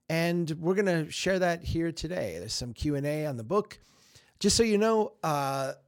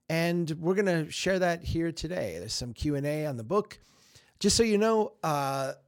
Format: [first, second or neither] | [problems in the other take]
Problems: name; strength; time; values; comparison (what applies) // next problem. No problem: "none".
neither | none